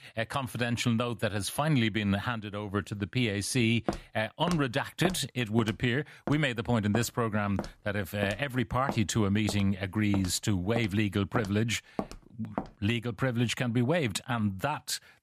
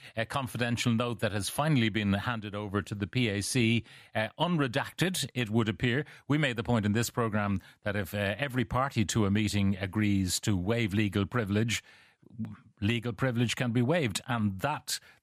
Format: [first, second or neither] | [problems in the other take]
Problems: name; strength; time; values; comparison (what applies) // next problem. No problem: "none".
second | footsteps; noticeable; from 4 to 13 s; peak 7 dB below the speech